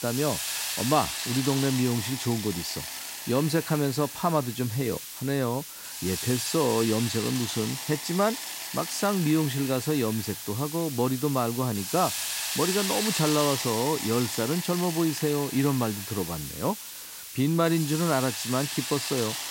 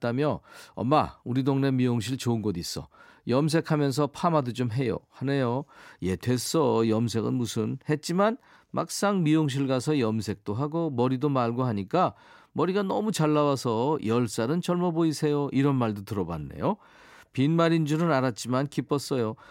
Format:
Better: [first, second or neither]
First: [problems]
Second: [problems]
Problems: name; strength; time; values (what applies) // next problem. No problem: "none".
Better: second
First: hiss; loud; throughout; 4 dB below the speech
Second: none